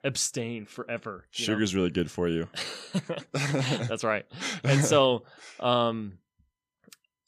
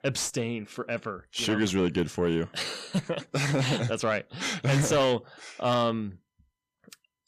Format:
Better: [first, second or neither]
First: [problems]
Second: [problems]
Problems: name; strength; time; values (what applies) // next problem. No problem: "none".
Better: first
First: none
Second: distortion; slight; 10 dB below the speech